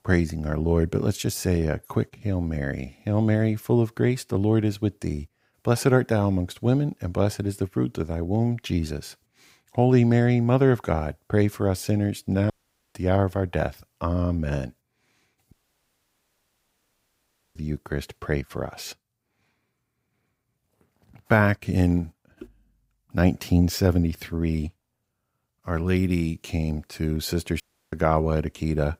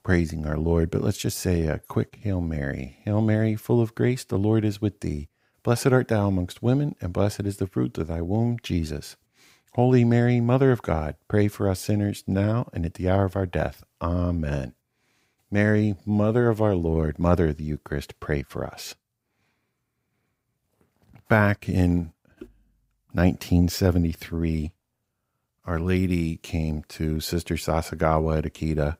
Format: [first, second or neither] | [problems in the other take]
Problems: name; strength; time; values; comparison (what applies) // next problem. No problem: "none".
second | audio cutting out; at 13 s, at 16 s for 2 s and at 28 s